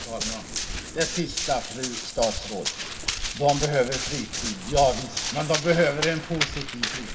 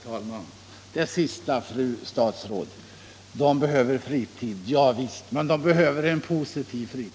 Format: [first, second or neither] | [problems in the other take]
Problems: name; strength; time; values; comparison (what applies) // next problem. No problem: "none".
second | background sound (Run); 4 dB below the speech // room echo; dies away in 0.2 s